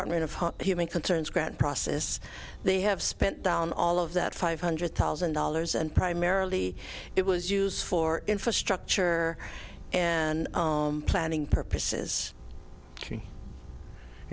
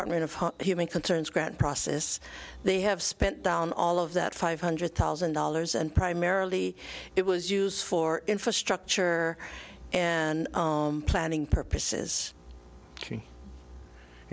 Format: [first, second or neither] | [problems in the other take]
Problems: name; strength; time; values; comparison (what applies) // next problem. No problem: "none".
second | background sound (Wind); 14 dB below the speech